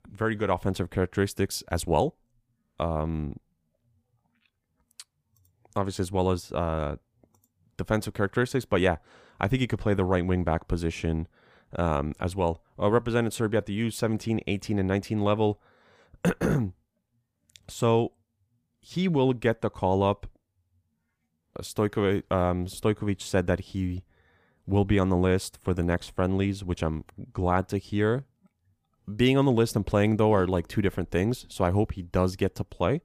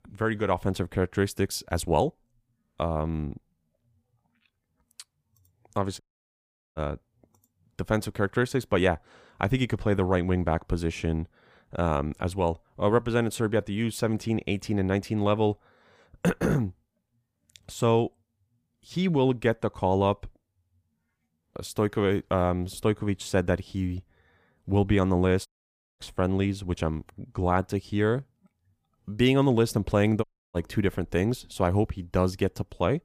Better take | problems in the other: first | audio cutting out; at 6 s for 1 s, at 25 s for 0.5 s and at 30 s

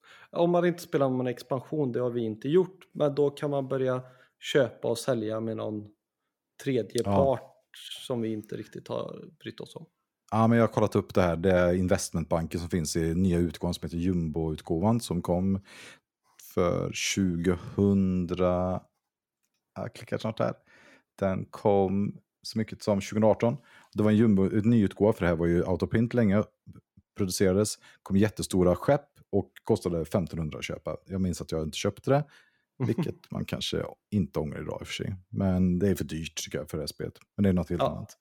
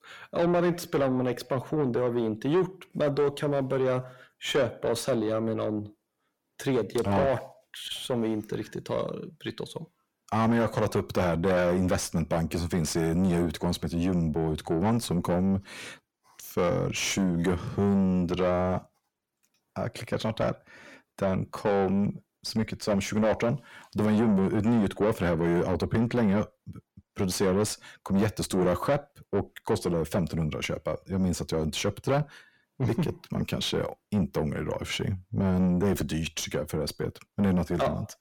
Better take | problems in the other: first | distortion; heavy; 7 dB below the speech

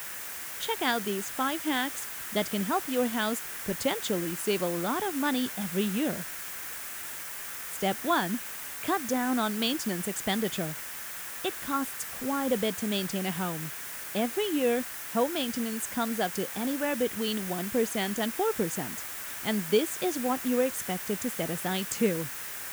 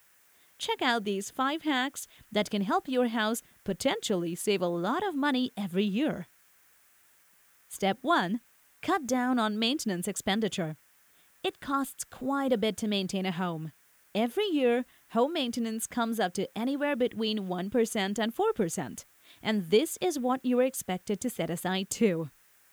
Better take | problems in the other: second | hiss; loud; throughout; 5 dB below the speech; faint in the second

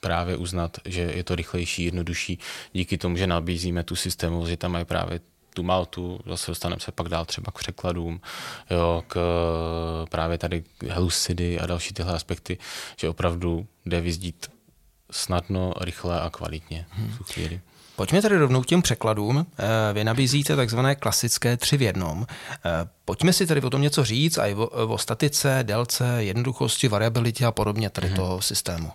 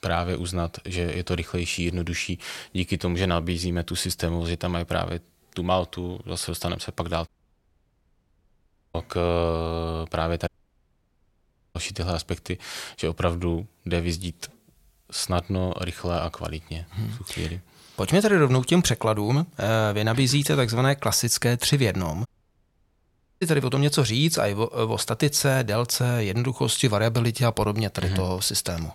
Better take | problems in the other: first | audio cutting out; at 7.5 s for 1.5 s, at 10 s for 1.5 s and at 22 s for 1 s

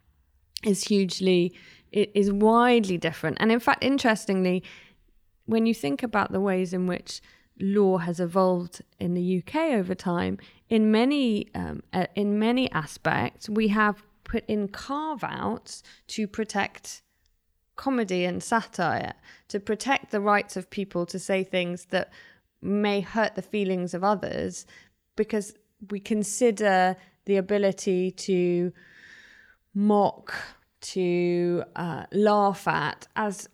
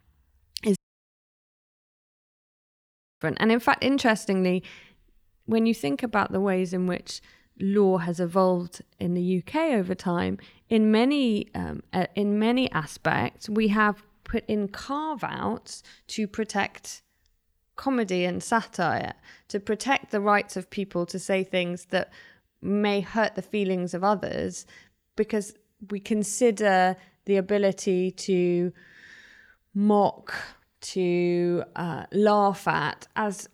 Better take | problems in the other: first | audio cutting out; at 1 s for 2.5 s

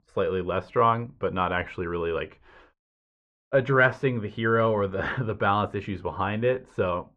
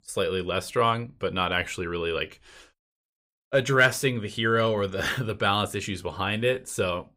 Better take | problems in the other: second | muffled; very; fading above 1.5 kHz

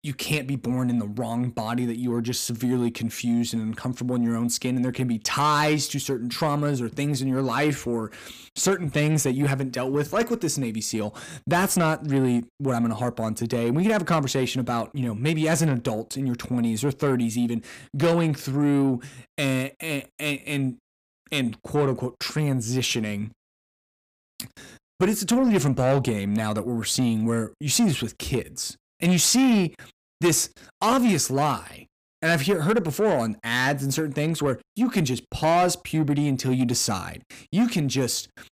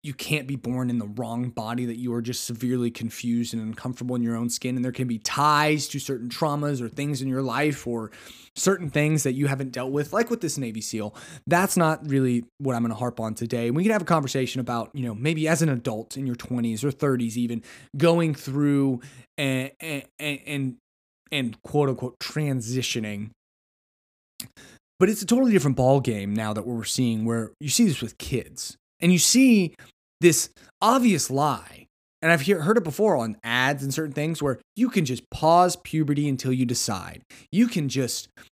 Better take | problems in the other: second | distortion; slight; 10 dB below the speech

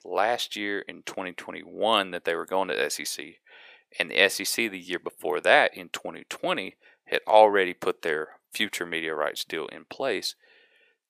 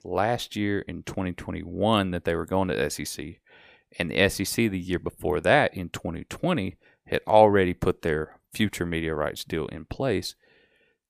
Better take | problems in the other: second | thin; somewhat; fading below 450 Hz

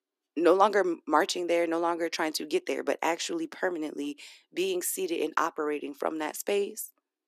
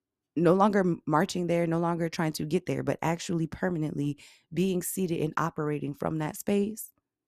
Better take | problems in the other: second | thin; somewhat; fading below 300 Hz

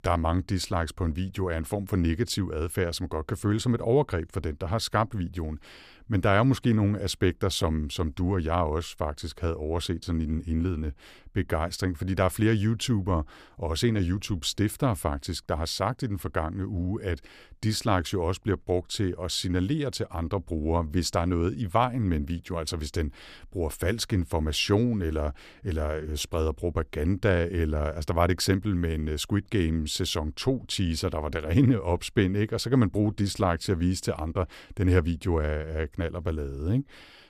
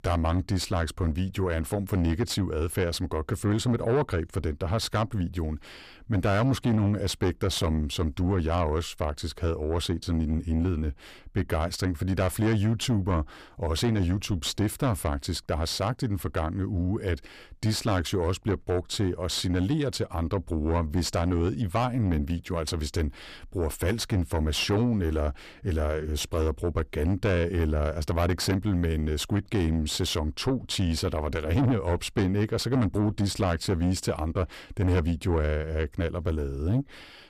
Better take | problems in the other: first | distortion; slight; 10 dB below the speech

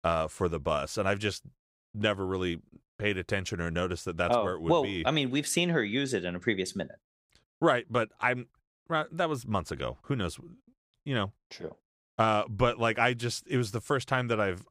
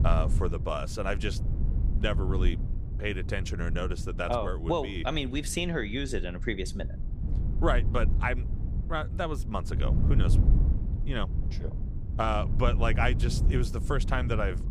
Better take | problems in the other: first | low rumble; noticeable; throughout; 15 dB below the speech

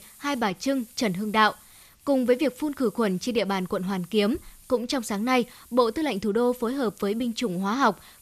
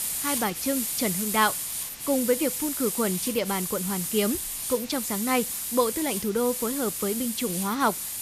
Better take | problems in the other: first | hiss; loud; throughout; 1 dB below the speech; faint in the first

